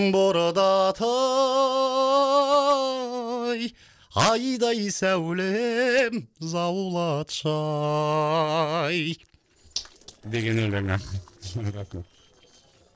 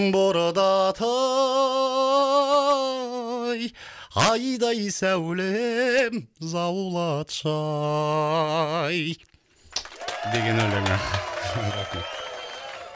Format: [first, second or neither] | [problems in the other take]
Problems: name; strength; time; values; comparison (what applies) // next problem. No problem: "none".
second | noise reduction (neural separator model SepFormer DNS4)